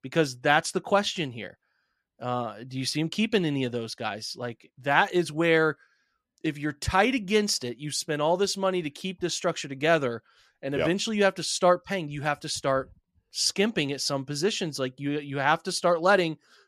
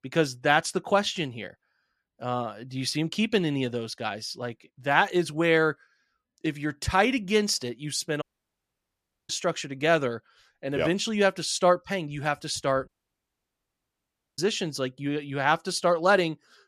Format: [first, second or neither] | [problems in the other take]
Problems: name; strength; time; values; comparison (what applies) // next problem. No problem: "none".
first | audio cutting out; at 8 s for 1 s and at 13 s for 1.5 s